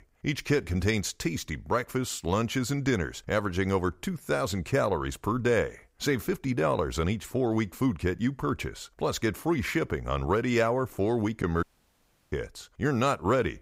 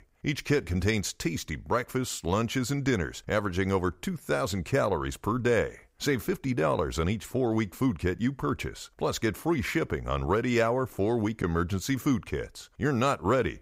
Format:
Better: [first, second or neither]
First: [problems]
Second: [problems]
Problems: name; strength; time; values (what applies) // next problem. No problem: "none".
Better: second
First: audio cutting out; at 12 s for 0.5 s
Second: none